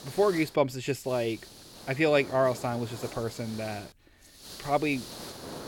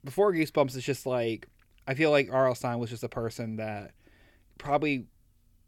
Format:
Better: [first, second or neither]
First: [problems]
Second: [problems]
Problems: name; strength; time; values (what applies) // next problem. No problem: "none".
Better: second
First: hiss; noticeable; throughout; 15 dB below the speech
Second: none